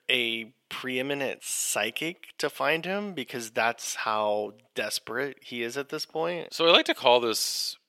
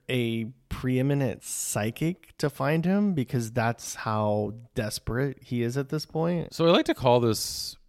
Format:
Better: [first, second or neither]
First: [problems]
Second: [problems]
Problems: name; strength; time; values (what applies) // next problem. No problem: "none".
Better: second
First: thin; somewhat; fading below 450 Hz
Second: none